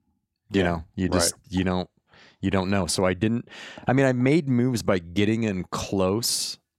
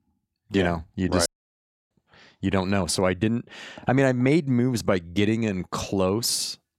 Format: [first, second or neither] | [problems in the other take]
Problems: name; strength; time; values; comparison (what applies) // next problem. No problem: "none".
first | audio cutting out; at 1.5 s for 0.5 s